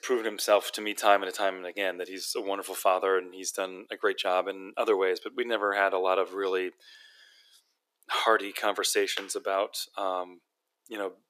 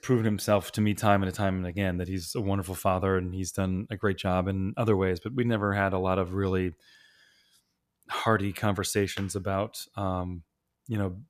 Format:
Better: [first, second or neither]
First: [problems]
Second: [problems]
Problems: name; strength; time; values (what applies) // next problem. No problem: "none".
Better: second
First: thin; very; fading below 350 Hz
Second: none